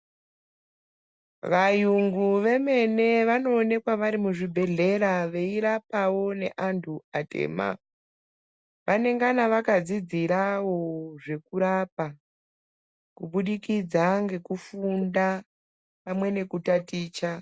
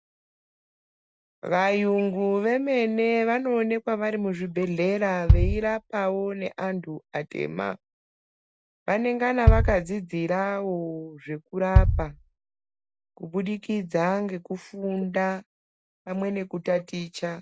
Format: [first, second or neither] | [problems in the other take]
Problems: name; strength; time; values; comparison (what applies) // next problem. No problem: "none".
first | background sound (Bass drum); 2 dB above the speech